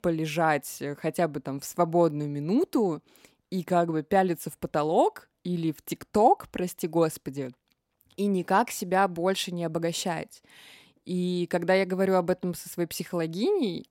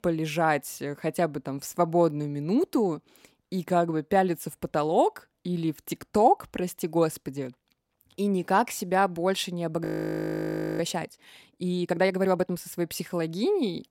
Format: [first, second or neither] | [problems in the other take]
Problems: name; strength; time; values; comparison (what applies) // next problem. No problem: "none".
first | audio freezing; at 10 s for 1 s